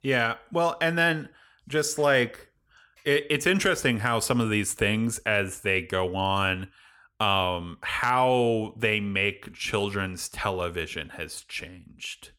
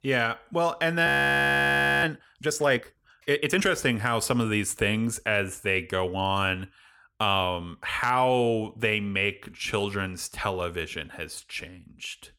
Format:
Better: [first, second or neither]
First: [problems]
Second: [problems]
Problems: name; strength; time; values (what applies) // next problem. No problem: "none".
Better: first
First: none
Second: audio freezing; at 1 s for 1 s